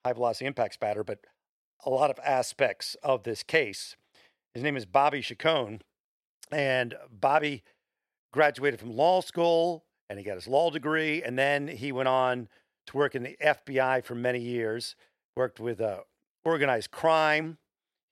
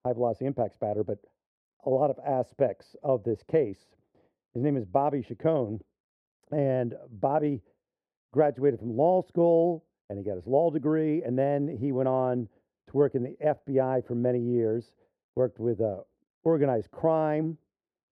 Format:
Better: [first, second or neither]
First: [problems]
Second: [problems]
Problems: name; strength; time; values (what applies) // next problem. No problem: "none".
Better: first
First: none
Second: muffled; very; fading above 1 kHz